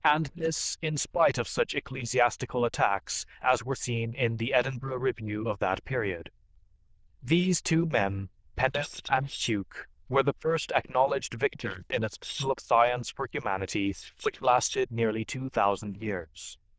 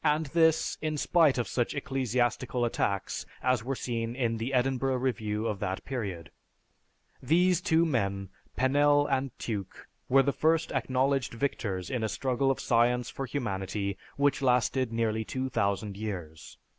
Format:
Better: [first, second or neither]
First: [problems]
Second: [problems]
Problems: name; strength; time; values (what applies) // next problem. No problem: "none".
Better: second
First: noise reduction (neural diffusion model UNIVERSE++)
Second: none